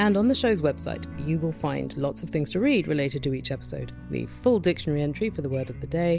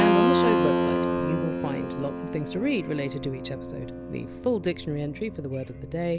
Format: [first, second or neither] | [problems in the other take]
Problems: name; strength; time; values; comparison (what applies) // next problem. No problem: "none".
first | background sound (Keyboard (musical)); 2 dB above the speech